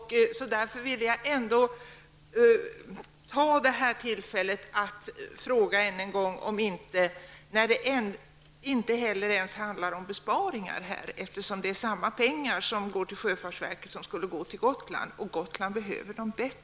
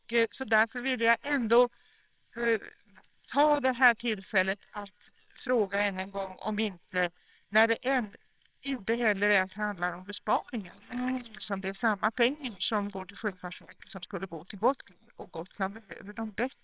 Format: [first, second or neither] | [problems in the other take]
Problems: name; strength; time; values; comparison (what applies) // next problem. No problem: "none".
first | noise reduction (neural separator model SepFormer WHAMR!)